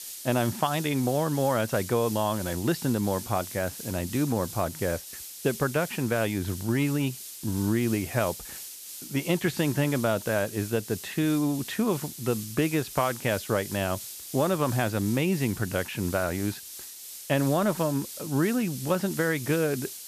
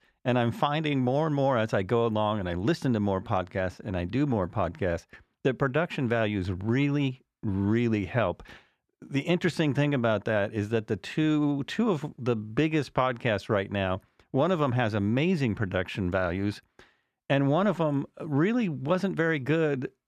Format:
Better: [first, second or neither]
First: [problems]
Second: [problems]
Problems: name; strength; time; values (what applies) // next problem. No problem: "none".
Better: second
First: hiss; noticeable; throughout; 10 dB below the speech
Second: none